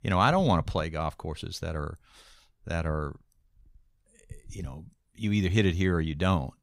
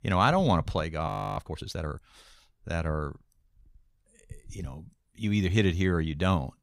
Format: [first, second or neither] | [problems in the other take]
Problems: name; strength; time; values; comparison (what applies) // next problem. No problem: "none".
first | audio freezing; at 1 s